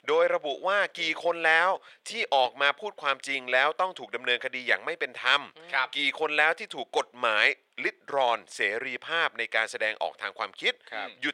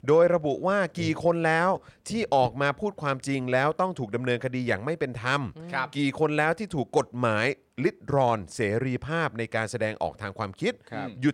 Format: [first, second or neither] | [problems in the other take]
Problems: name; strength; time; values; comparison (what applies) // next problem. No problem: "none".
second | thin; very; fading below 600 Hz